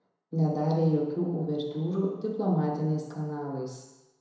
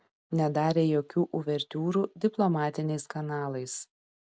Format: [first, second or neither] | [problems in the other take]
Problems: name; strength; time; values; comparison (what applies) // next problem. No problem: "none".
second | room echo; dies away in 1 s